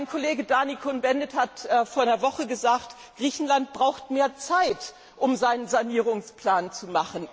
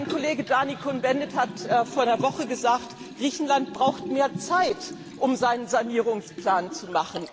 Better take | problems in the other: first | background sound (Liquid); 12 dB below the speech

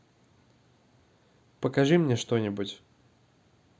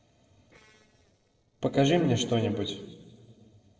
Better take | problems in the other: first | noise reduction (neural separator model SepFormer DNS4)

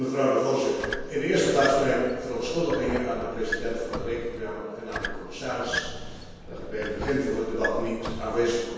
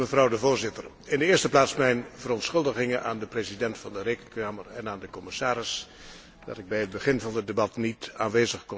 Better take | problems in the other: second | background sound (Squeak); 8 dB below the speech // room echo; dies away in 1.2 s

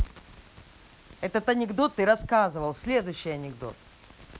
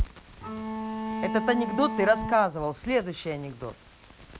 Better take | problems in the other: first | background sound (Bowed string instrument); 4 dB below the speech

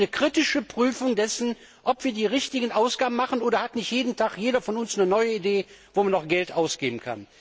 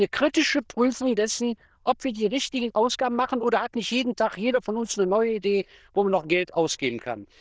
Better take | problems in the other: first | noise reduction (neural diffusion model UNIVERSE++)

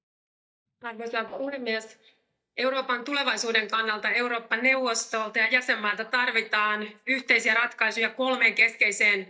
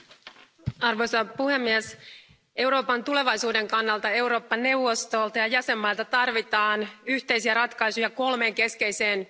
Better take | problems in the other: second | noise reduction (neural mask model DeepFilterNet 3)

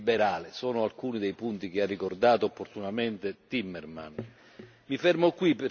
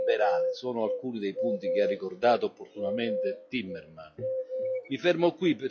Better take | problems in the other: first | noise reduction (classical method log-MMSE)

